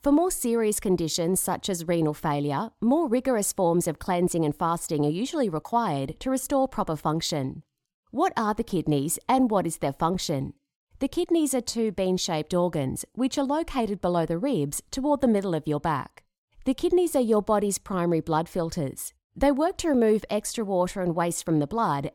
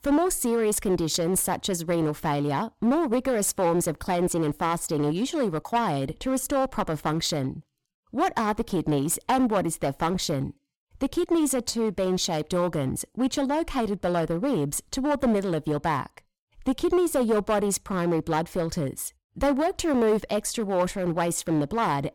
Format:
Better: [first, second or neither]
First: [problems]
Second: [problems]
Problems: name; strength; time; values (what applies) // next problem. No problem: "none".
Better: first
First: none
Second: distortion; slight; 9% of the sound clipped